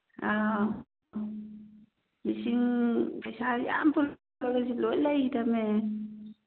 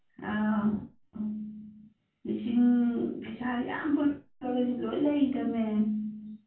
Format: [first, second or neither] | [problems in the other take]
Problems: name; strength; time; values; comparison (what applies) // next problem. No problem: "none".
first | room echo; dies away in 0.2 s